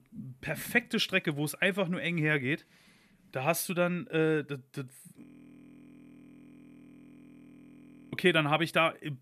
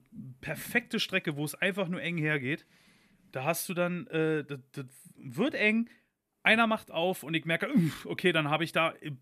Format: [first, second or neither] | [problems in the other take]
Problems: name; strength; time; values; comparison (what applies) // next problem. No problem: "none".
second | audio freezing; at 5 s for 3 s